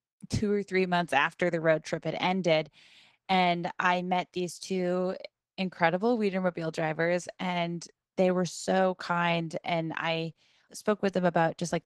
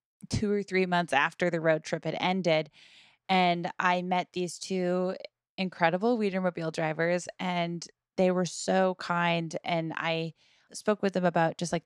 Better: second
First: garbled, watery; slightly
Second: none

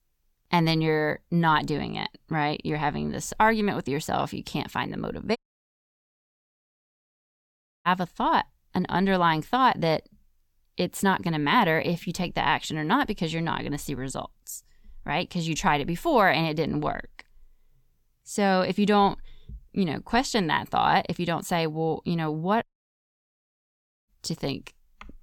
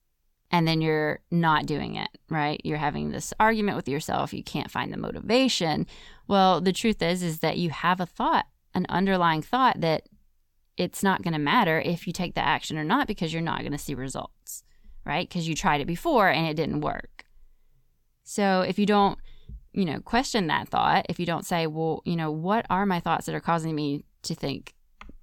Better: second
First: audio cutting out; at 5.5 s for 2.5 s and at 23 s for 1.5 s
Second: none

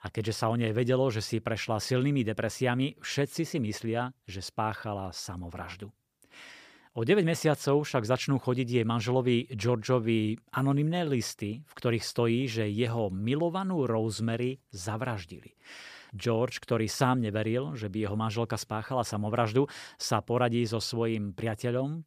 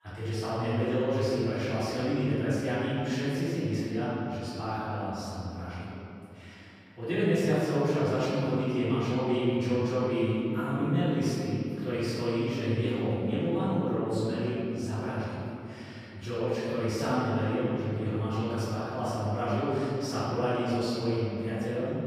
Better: first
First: none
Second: off-mic speech; far // room echo; strong; dies away in 3 s

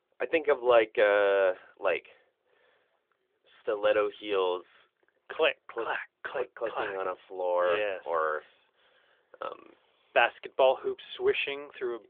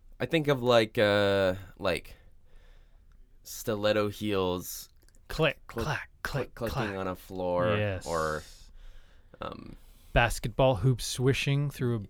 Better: second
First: phone-call audio; nothing above 3.5 kHz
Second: none

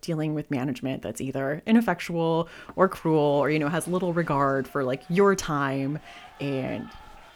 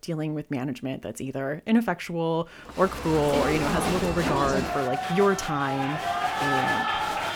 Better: first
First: crowd noise; faint; from 3 s on; 25 dB below the speech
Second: crowd noise; loud; from 3 s on; 1 dB below the speech

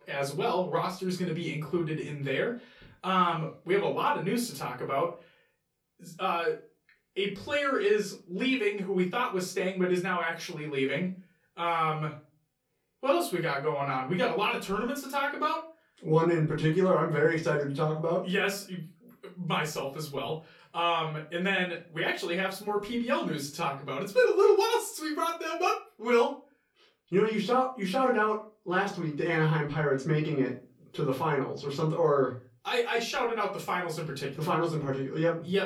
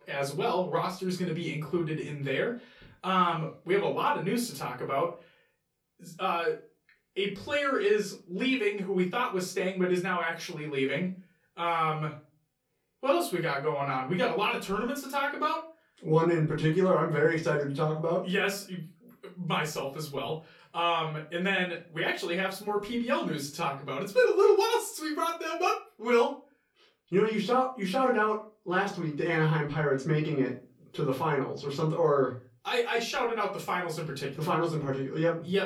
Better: neither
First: off-mic speech; far // room echo; slight; dies away in 0.3 s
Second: off-mic speech; far // room echo; slight; dies away in 0.3 s

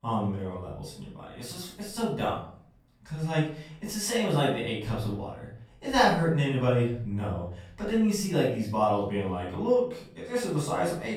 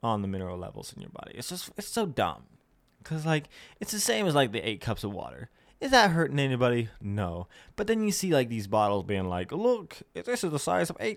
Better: second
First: off-mic speech; far // room echo; noticeable; dies away in 0.5 s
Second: none

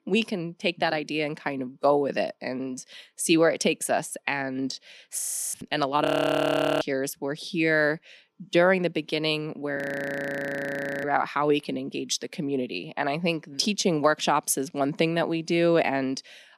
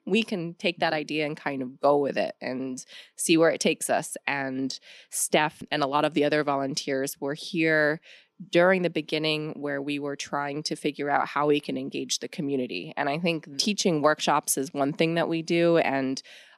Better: second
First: audio freezing; at 5 s, at 6 s for 1 s and at 10 s for 1.5 s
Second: none

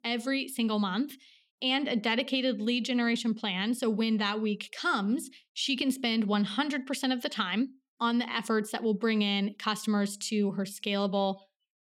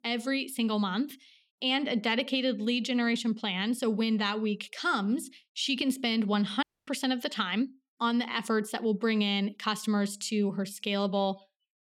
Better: first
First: none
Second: audio cutting out; at 6.5 s

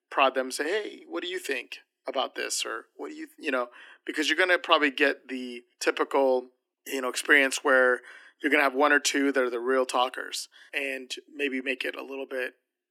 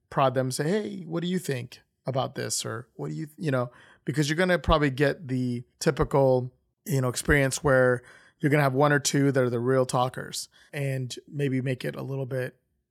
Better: second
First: thin; somewhat; fading below 250 Hz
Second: none

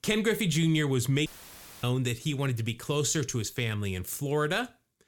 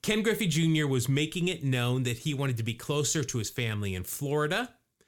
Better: second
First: audio cutting out; filled with static; at 1.5 s for 0.5 s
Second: none

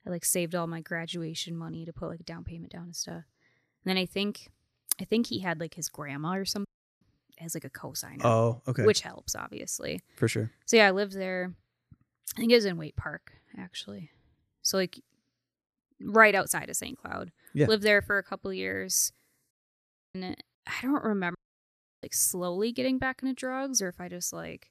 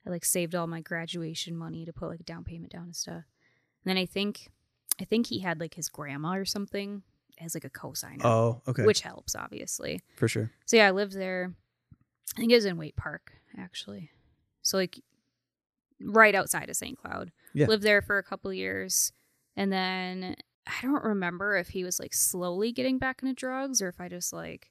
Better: second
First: audio cutting out; at 6.5 s, at 20 s for 0.5 s and at 21 s for 0.5 s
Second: none

